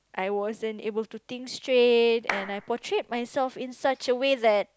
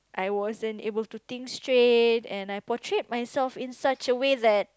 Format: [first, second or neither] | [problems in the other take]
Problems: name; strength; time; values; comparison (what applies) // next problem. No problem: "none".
second | background sound (Clapping); 11 dB below the speech